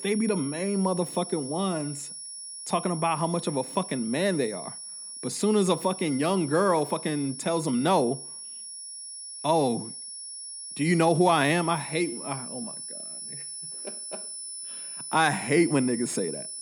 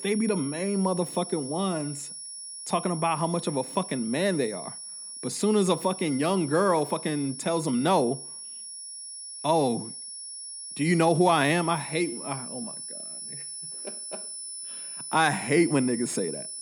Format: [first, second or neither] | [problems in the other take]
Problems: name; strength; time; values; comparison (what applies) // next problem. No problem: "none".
neither | high-pitched whine; loud; throughout; 10 kHz, 10 dB below the speech; the same in both